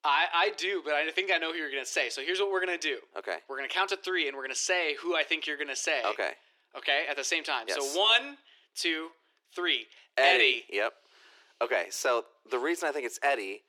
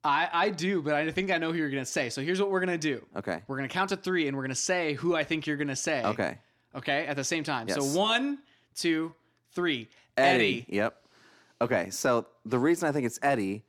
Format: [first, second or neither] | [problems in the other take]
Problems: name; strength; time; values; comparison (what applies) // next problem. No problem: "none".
second | thin; very; fading below 350 Hz